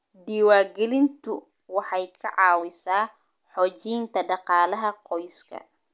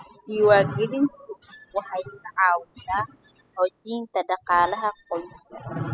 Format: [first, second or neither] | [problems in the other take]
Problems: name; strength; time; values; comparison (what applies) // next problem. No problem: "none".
first | noise reduction (classical method spectral subtraction)